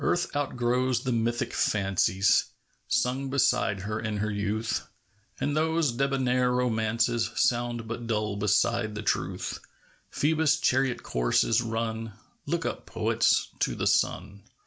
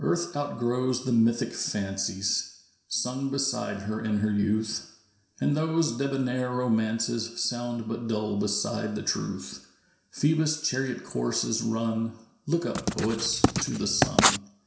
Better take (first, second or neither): first